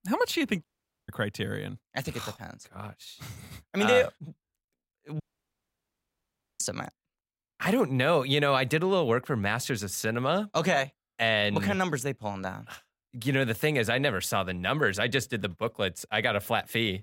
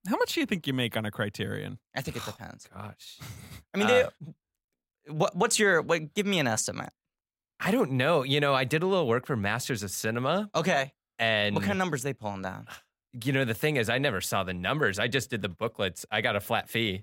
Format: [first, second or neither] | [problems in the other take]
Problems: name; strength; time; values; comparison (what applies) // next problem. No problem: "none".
second | audio cutting out; at 0.5 s and at 5 s for 1.5 s